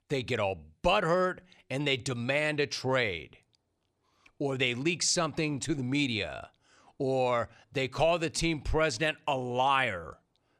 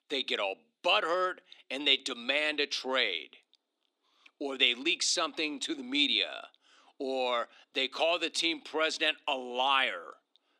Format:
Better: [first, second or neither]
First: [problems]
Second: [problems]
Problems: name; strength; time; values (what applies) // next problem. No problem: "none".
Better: first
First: none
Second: thin; very slightly; fading below 250 Hz